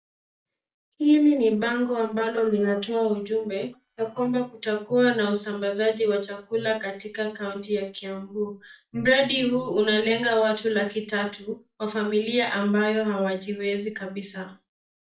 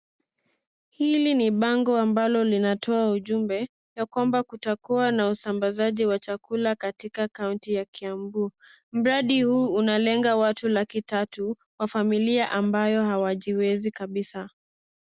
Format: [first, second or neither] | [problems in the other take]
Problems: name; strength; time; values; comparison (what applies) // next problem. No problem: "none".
second | noise reduction (neural mask model DeepFilterNet 3)